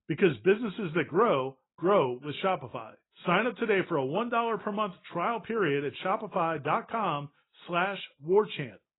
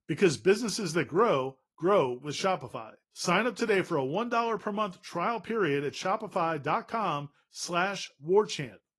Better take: second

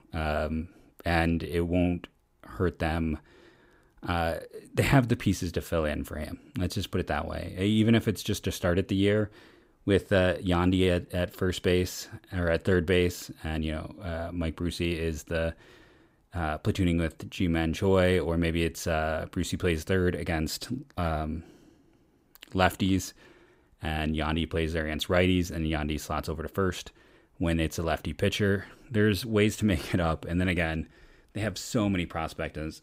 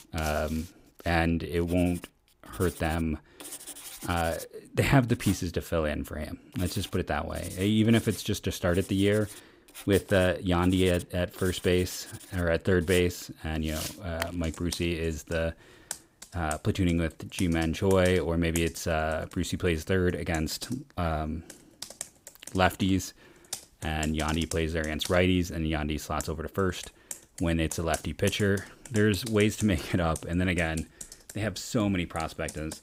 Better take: first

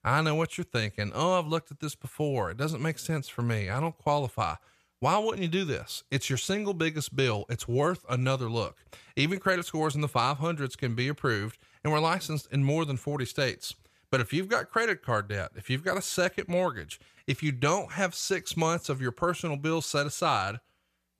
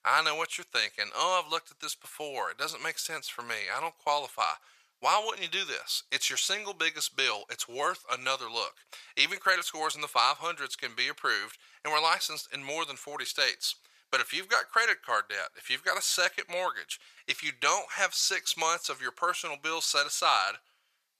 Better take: first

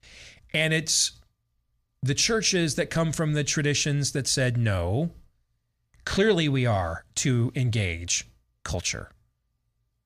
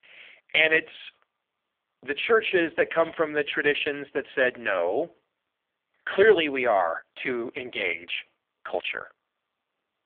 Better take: first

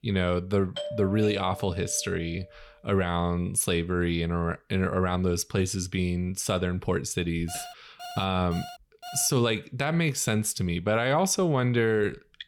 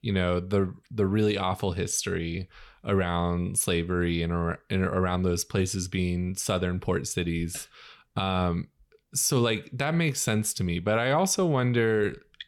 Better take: second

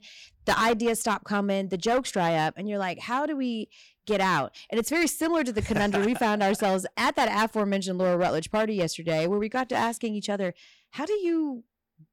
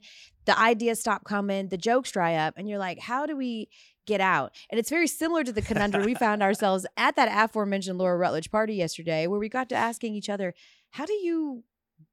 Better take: second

